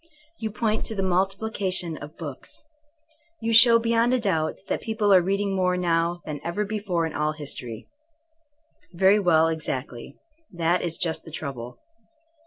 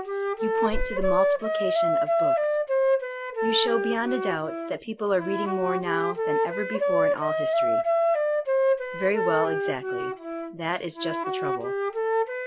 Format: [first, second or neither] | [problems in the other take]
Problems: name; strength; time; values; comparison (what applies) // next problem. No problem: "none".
first | background sound (Wind instrument, woodwind instrument); 5 dB above the speech